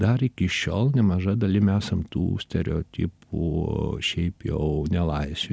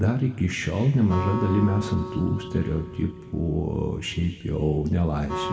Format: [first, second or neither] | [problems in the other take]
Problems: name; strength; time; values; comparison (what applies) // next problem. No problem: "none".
first | background sound (Acoustic guitar); 12 dB below the speech // room echo; dies away in 2 s